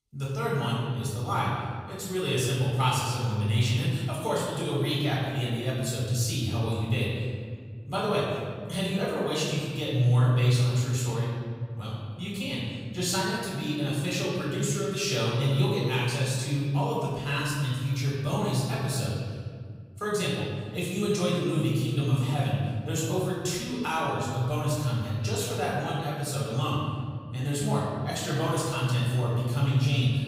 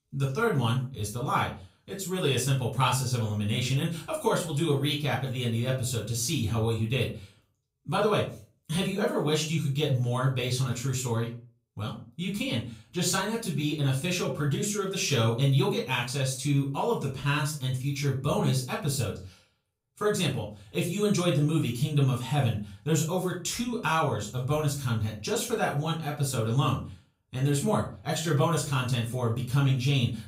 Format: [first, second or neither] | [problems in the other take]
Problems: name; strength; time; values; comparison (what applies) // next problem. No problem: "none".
second | room echo; strong; dies away in 1.9 s; slight in the second // off-mic speech; far; far in the second